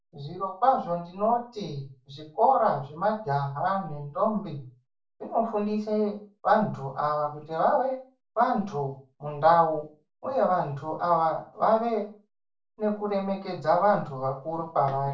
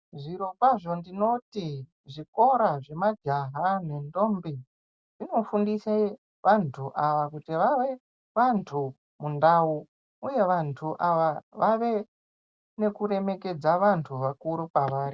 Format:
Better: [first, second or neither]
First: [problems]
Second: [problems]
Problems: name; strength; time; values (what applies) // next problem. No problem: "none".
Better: second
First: room echo; dies away in 0.3 s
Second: none